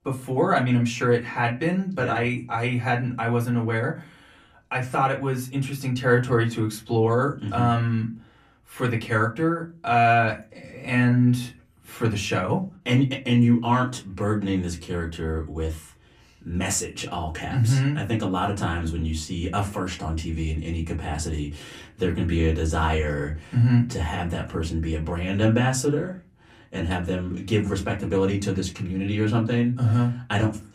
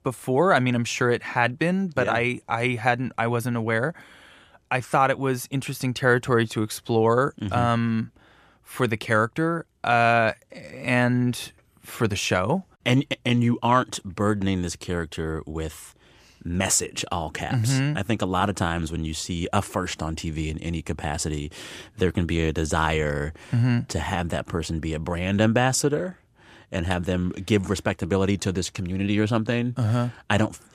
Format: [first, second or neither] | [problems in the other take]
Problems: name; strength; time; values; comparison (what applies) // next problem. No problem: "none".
second | off-mic speech; far // room echo; very slight; dies away in 0.3 s